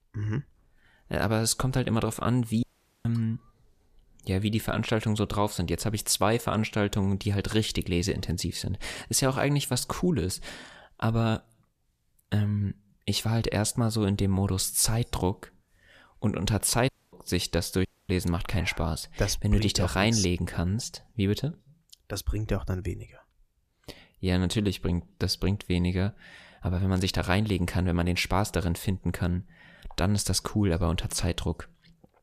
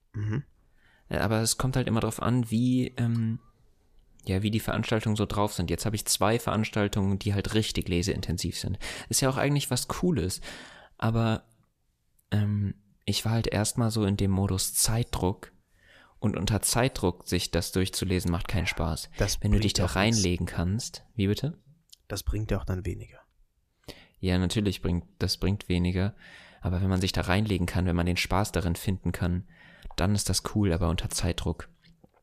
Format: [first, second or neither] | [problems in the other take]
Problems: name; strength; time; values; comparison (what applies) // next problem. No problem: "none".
second | audio cutting out; at 2.5 s, at 17 s and at 18 s